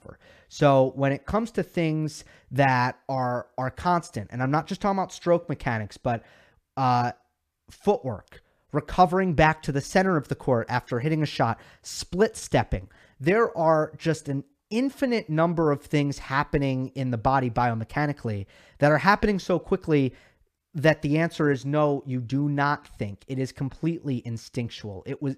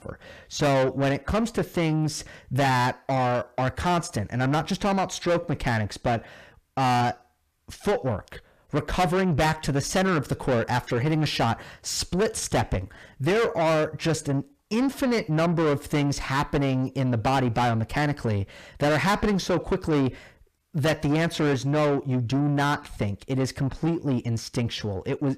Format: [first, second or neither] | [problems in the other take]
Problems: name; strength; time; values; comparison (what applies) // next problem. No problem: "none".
first | distortion; heavy; 6 dB below the speech